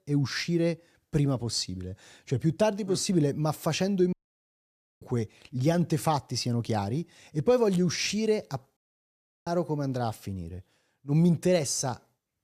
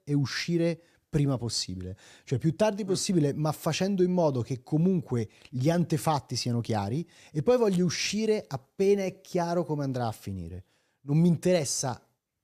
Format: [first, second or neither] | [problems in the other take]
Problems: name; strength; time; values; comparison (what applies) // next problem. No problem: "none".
second | audio cutting out; at 4 s for 1 s and at 9 s for 0.5 s